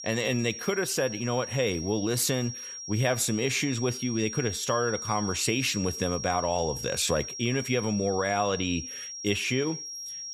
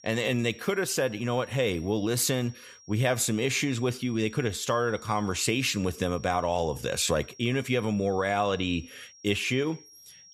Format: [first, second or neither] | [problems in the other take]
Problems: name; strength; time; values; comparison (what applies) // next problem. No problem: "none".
second | high-pitched whine; loud; throughout; 5.5 kHz, 8 dB below the speech; faint in the second